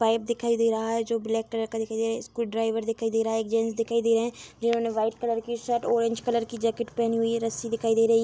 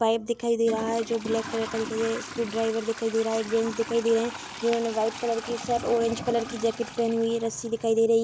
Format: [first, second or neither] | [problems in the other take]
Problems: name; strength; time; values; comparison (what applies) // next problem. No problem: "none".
first | background sound (Trickle, dribble / Toilet flush); 12 dB below the speech